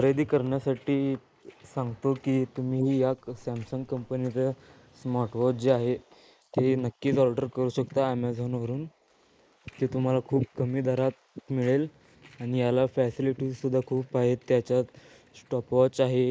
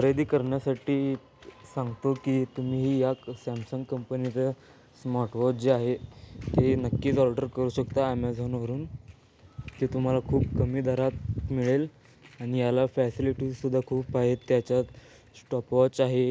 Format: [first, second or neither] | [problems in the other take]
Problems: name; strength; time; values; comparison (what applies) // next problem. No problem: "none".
second | noise reduction (neural mask model Resemble Enhance denoiser)